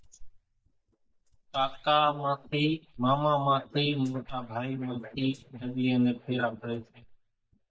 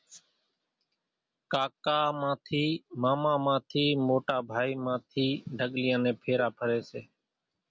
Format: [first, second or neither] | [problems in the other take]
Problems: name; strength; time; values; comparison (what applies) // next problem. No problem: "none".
second | noise reduction (neural mask model DeepFilterNet 3)